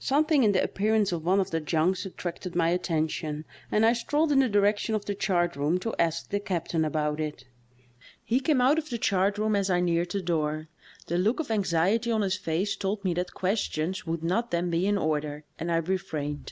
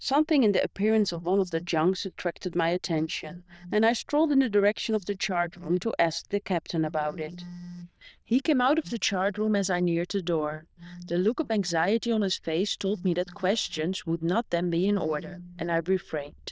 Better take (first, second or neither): first